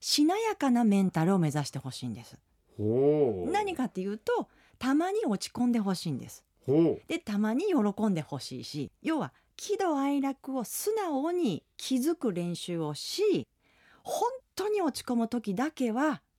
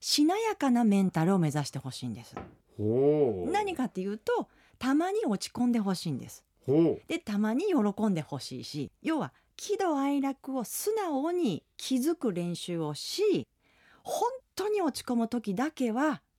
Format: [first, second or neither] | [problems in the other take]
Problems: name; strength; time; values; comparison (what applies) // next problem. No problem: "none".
first | door banging; faint; at 2.5 s; peak 15 dB below the speech